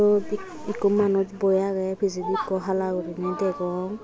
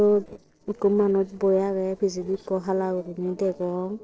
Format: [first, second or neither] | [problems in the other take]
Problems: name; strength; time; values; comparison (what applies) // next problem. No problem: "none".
first | noise reduction (neural separator model SepFormer DNS4)